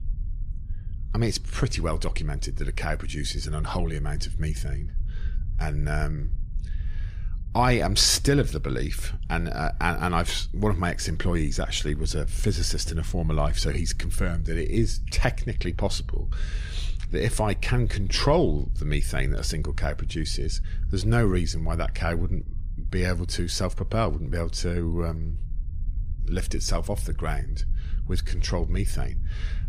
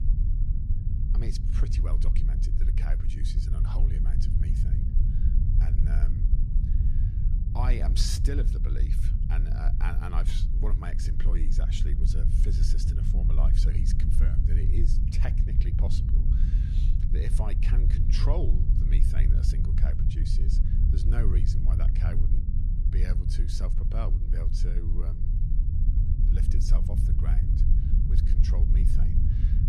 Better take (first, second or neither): first